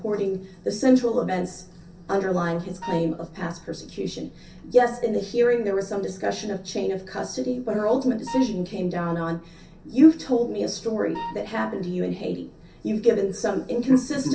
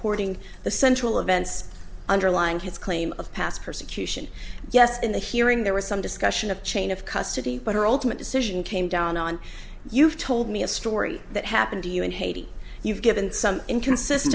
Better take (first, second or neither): second